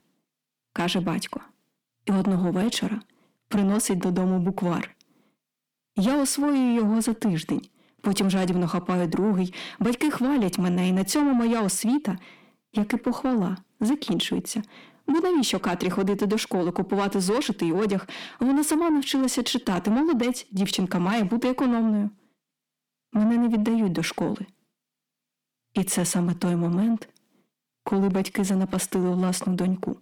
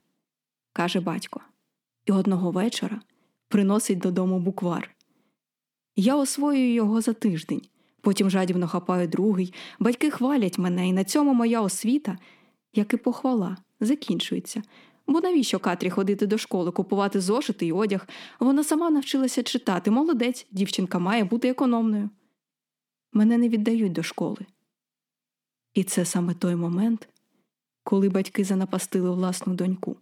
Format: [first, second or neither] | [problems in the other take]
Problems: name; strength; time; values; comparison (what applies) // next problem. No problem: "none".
second | distortion; slight; 10 dB below the speech